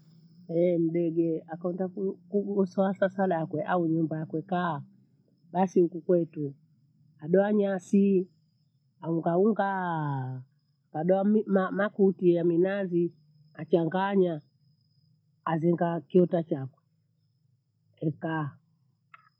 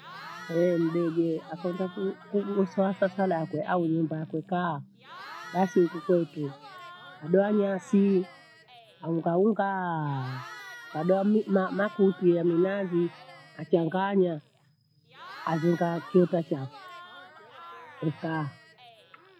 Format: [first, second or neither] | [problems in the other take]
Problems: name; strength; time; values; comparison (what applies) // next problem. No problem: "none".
first | background sound (Crowd / Cheering); 19 dB below the speech